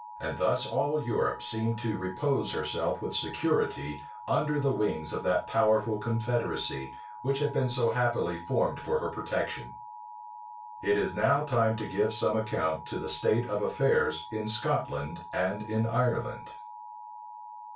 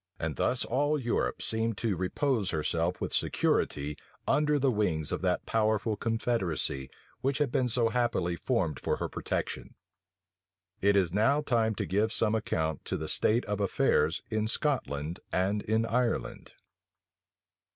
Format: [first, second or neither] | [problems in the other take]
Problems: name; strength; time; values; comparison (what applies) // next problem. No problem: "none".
second | background sound (Alarm); 14 dB below the speech // room echo; dies away in 0.2 s